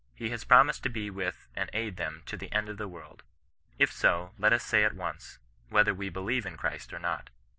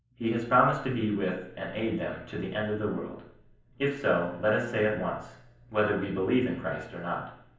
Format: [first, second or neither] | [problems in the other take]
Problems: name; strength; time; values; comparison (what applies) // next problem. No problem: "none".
first | room echo; dies away in 0.7 s